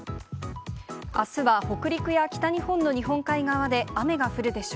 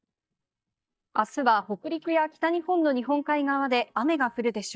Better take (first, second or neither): first